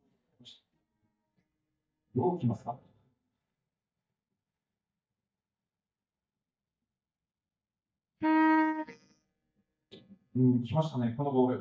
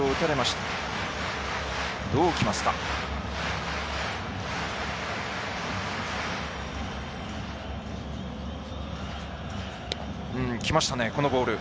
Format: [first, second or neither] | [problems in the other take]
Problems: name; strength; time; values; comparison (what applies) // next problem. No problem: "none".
second | noise reduction (neural mask model DeepFilterNet 3)